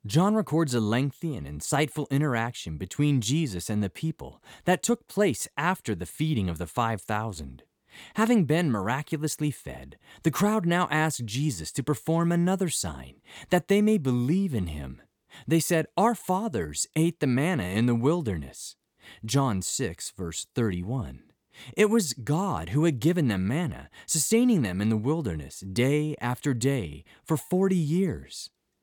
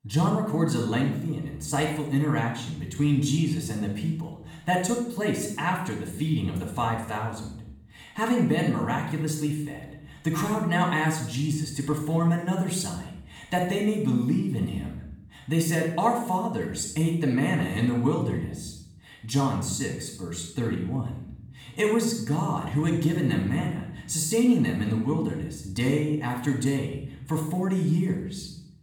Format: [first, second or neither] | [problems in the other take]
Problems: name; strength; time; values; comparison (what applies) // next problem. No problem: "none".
first | room echo; noticeable; dies away in 0.7 s // off-mic speech; far